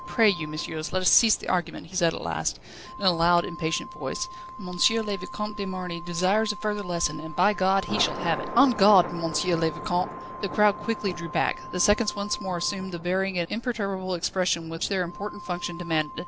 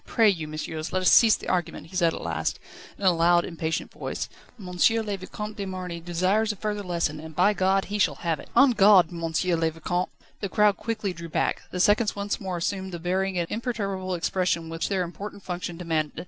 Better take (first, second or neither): second